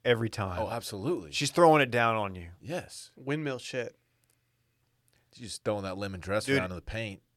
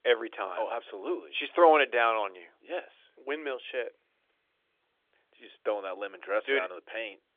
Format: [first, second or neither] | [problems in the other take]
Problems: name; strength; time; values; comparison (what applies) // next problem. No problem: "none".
first | phone-call audio; nothing above 3.5 kHz